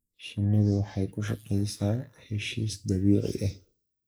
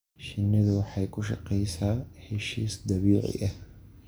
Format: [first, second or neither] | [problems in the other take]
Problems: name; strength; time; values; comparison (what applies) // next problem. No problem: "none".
second | noise reduction (neural mask model Resemble Enhance denoiser)